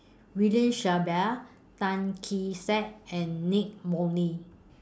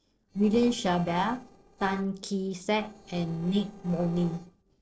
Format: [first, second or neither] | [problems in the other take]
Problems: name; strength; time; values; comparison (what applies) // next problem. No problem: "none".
first | noise reduction (neural separator model SepFormer DNS4)